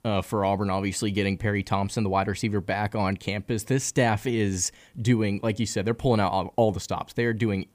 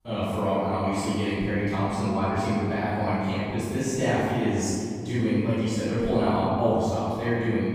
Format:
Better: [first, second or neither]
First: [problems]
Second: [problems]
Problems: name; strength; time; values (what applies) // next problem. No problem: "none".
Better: first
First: none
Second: off-mic speech; far // room echo; strong; dies away in 2.2 s